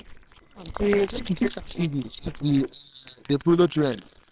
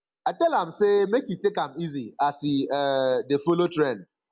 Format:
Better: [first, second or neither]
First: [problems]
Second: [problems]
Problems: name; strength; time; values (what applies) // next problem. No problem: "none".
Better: second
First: noise reduction (neural separator model SepFormer WHAMR!)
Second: none